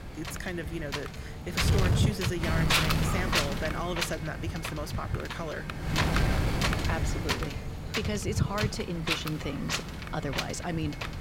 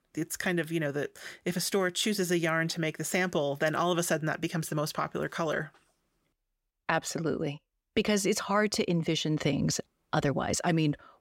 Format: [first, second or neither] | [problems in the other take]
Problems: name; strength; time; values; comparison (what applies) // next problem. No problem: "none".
second | wind noise on the microphone; heavy; 4 dB above the speech